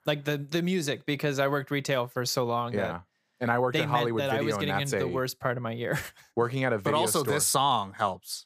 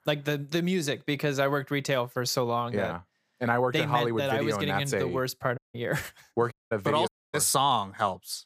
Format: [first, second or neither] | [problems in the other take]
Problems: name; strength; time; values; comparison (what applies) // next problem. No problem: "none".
first | audio cutting out; at 5.5 s, at 6.5 s and at 7 s